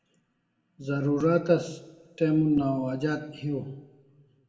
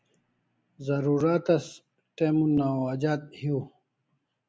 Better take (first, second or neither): second